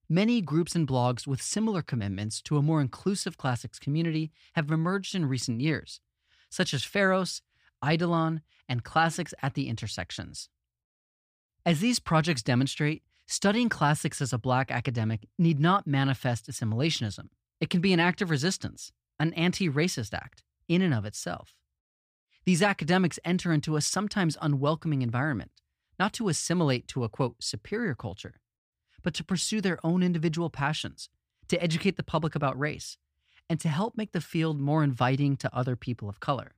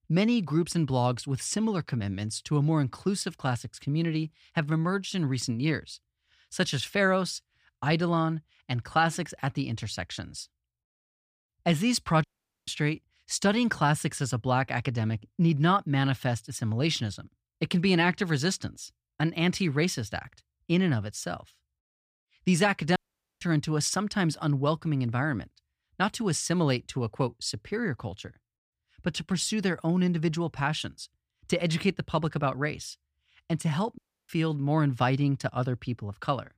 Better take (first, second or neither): first